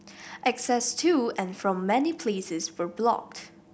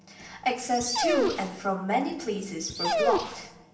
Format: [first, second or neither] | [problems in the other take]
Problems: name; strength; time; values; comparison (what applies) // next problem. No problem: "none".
first | background sound (Dog); 1 dB below the speech // room echo; dies away in 0.7 s